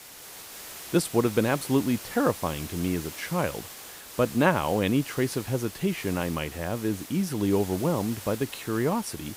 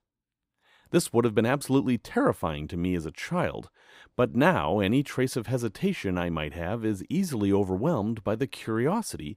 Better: second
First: hiss; noticeable; throughout; 10 dB below the speech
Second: none

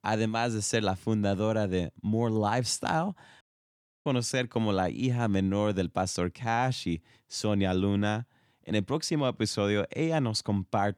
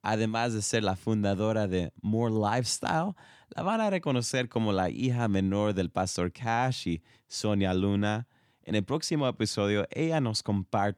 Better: second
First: audio cutting out; at 3.5 s for 0.5 s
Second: none

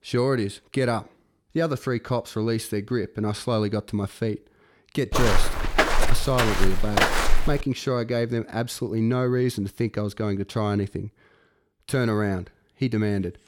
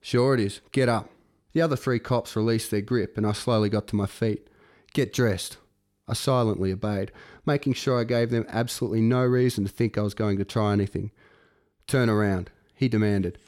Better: second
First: footsteps; loud; from 5 to 7.5 s; peak 5 dB above the speech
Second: none

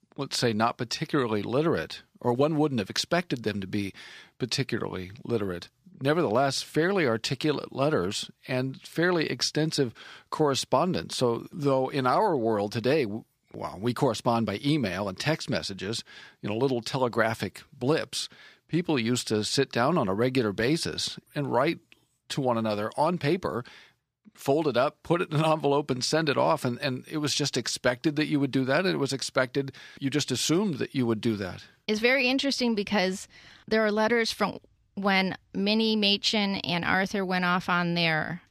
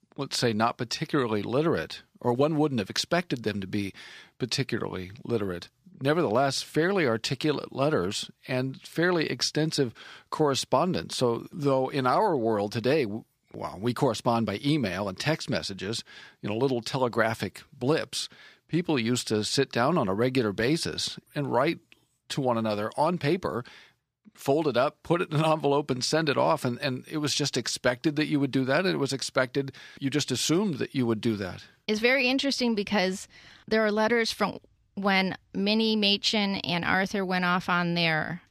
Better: neither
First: none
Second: none

